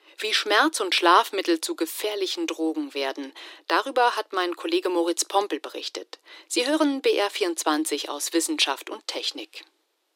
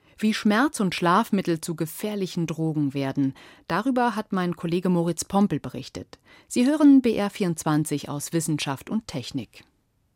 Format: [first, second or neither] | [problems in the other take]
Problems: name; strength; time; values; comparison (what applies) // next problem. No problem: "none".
second | thin; very; fading below 300 Hz